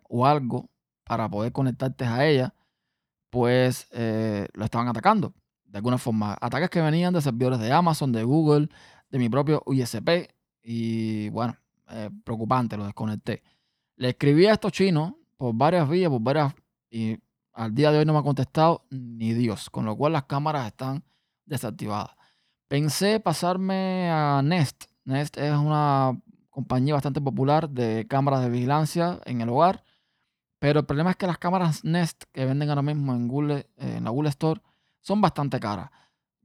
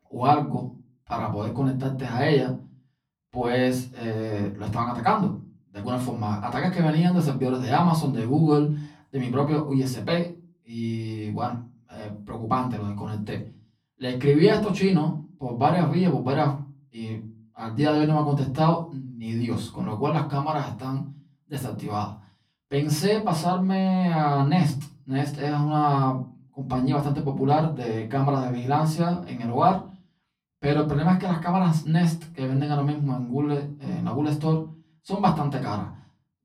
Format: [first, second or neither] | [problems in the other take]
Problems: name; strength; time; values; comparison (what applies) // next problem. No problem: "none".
first | off-mic speech; far // room echo; very slight; dies away in 0.3 s